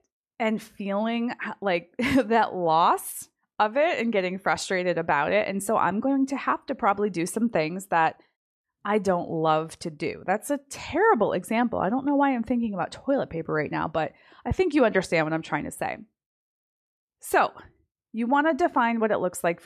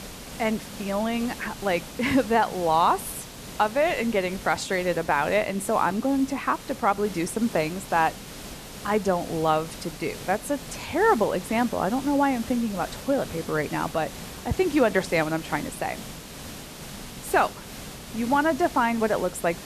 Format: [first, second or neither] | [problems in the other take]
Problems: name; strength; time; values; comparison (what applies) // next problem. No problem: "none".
first | hiss; noticeable; throughout; 15 dB below the speech